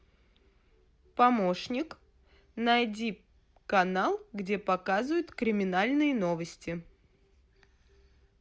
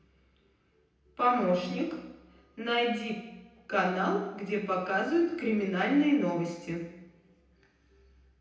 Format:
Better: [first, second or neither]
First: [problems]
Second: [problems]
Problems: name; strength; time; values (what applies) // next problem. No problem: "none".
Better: first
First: none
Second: room echo; dies away in 0.9 s